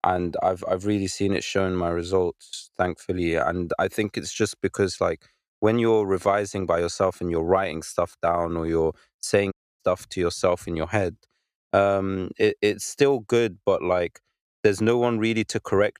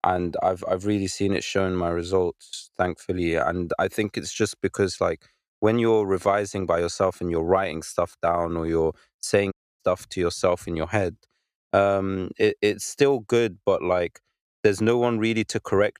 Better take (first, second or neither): neither